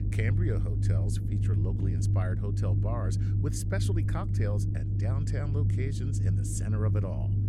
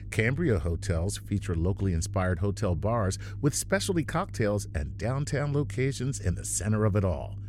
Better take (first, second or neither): second